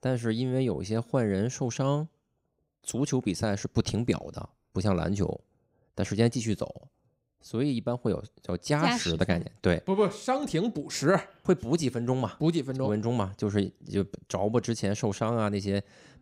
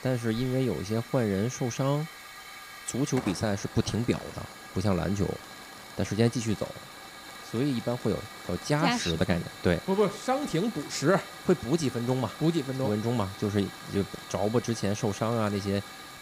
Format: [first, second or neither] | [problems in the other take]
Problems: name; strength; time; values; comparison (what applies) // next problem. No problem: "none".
first | hiss; noticeable; throughout; 15 dB below the speech